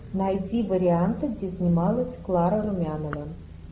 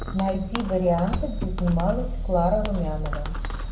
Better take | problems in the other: first | background sound (Fireworks); 3 dB below the speech // room echo; dies away in 0.4 s

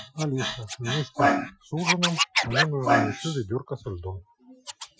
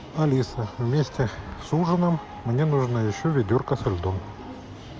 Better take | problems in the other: second | noise reduction (classical method Wiener filter)

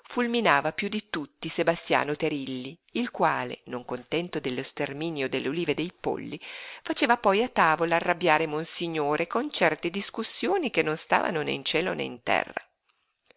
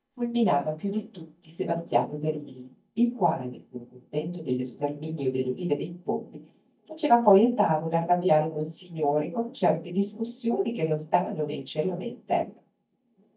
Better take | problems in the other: first | noise reduction (neural mask model DeepFilterNet 3)

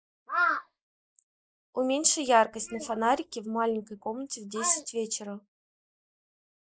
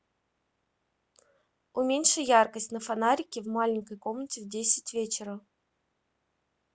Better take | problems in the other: second | noise reduction (neural mask model Resemble Enhance denoiser)

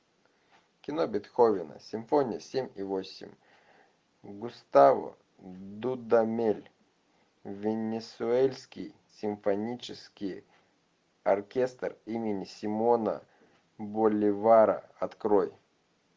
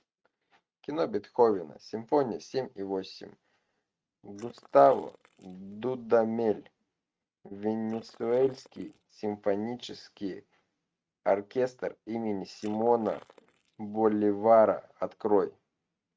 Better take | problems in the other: first | noise reduction (neural mask model RNNoise)

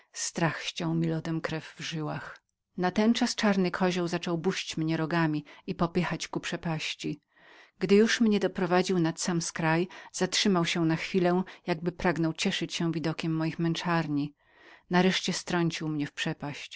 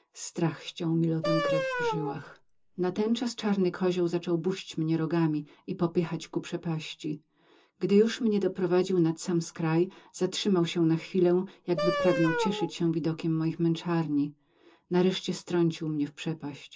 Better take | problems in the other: first | background sound (Wind instrument, woodwind instrument); 4 dB below the speech // room echo; dies away in 0.2 s

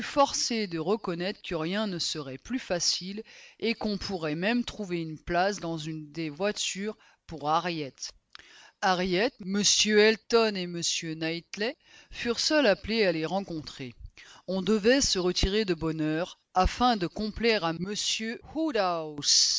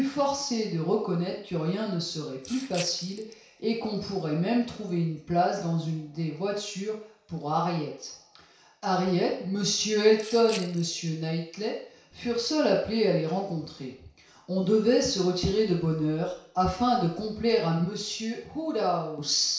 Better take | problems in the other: first | background sound (Rattle (instrument)); 18 dB below the speech // room echo; dies away in 0.6 s

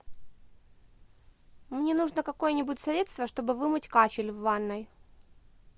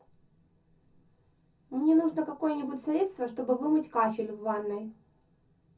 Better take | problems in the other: first | room echo; dies away in 0.3 s

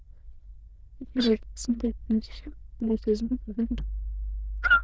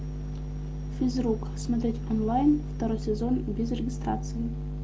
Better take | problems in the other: second | noise reduction (neural diffusion model UNIVERSE++)

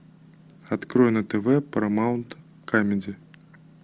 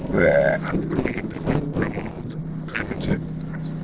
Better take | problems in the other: first | noise reduction (neural separator model SepFormer DNS4)

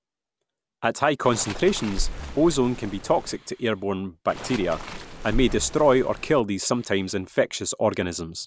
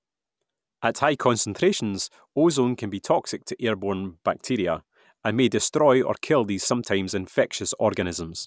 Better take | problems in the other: second | background sound (Breathing + Waves, surf); 9 dB below the speech

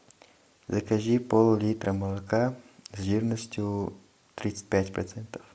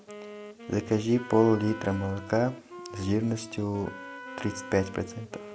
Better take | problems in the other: first | background sound (Wind instrument, woodwind instrument + Wind instrument, woodwind instrument); 14 dB below the speech

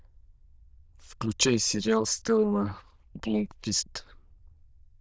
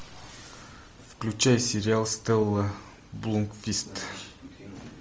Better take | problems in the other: second | noise reduction (neural diffusion model UNIVERSE++)

